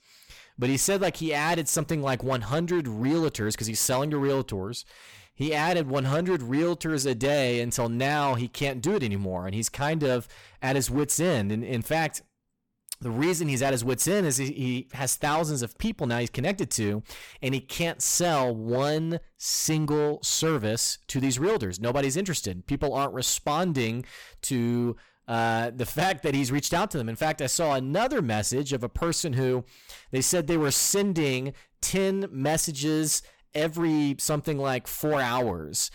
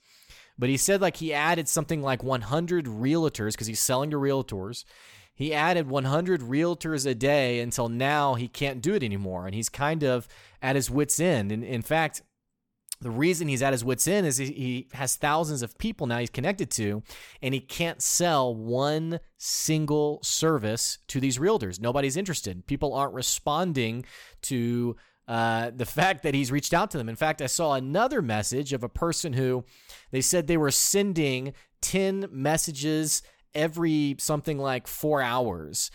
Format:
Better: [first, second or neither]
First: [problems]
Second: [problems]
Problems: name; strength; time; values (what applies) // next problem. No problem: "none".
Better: second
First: distortion; slight; 10% of the sound clipped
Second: none